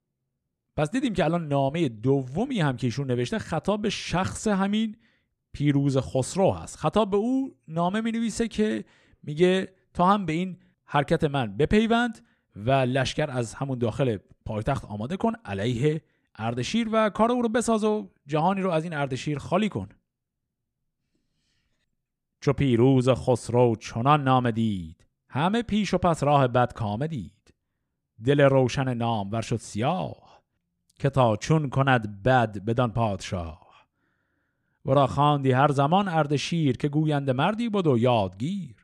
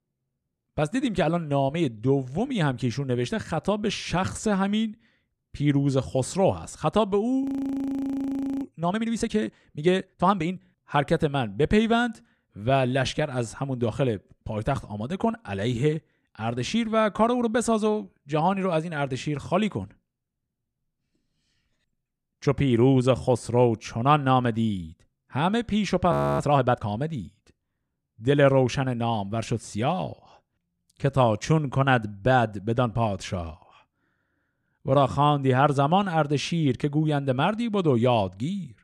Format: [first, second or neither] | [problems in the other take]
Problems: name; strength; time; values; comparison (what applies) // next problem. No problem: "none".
first | audio freezing; at 7.5 s for 1 s and at 26 s